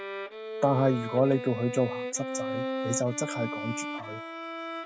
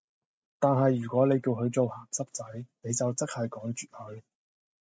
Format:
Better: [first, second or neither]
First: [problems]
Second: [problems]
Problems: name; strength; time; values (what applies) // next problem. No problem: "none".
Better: second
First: background sound (Bowed string instrument); 6 dB below the speech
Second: none